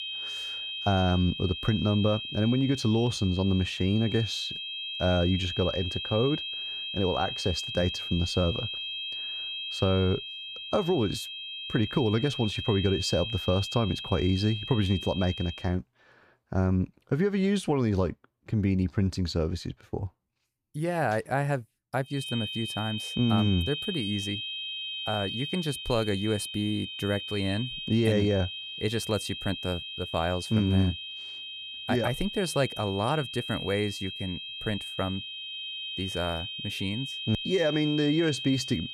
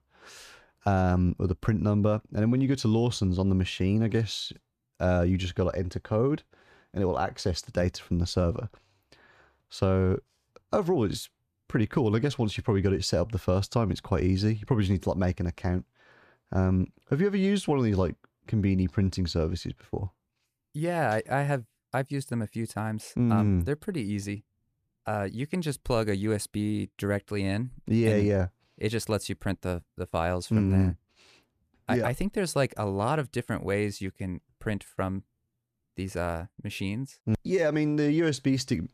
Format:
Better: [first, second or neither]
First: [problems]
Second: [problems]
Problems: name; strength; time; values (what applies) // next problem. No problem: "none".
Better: second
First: high-pitched whine; loud; until 16 s and from 22 s on; 3 kHz, 5 dB below the speech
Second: none